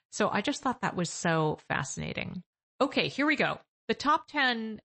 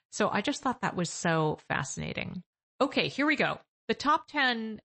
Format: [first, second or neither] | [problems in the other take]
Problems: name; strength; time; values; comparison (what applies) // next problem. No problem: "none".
neither | garbled, watery; slightly; nothing above 8 kHz; the same in both